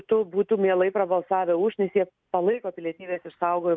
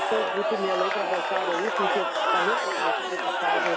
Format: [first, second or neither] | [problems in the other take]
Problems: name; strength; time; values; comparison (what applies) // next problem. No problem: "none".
first | background sound (Crowd / Cheering); 5 dB above the speech